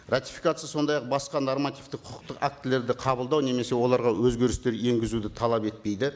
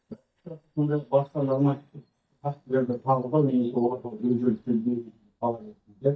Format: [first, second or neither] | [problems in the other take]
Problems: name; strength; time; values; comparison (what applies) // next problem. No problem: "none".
first | noise reduction (neural mask model DeepFilterNet 3)